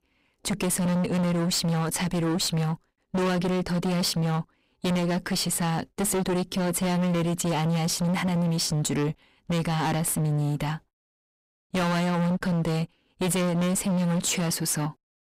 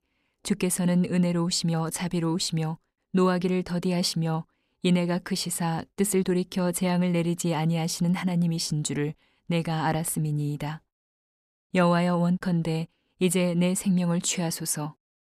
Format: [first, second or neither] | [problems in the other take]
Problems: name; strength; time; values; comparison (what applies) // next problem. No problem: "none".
second | distortion; heavy; 34% of the sound clipped